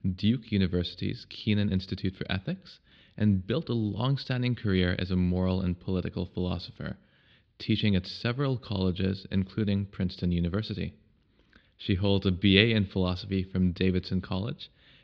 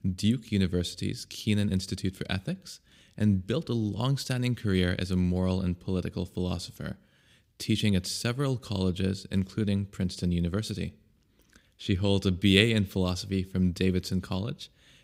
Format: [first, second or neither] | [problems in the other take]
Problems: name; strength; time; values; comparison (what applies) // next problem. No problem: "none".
second | muffled; very slightly; fading above 4 kHz